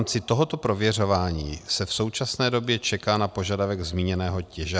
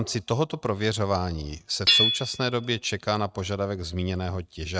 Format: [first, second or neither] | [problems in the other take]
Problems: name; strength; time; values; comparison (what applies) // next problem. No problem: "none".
first | noise reduction (neural mask model RNNoise)